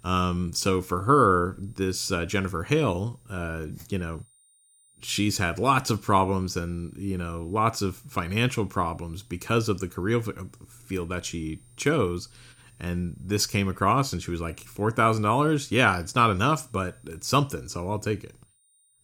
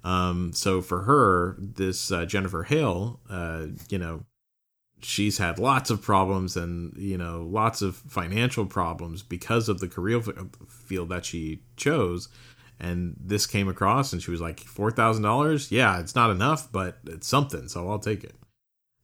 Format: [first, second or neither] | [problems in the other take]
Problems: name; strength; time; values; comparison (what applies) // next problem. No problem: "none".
second | high-pitched whine; faint; throughout; 9 kHz, 35 dB below the speech